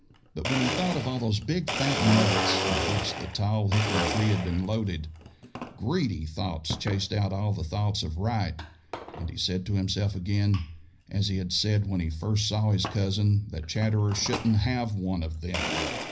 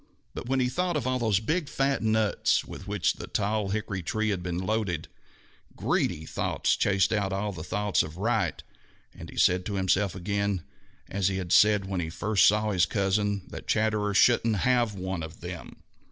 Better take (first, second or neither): second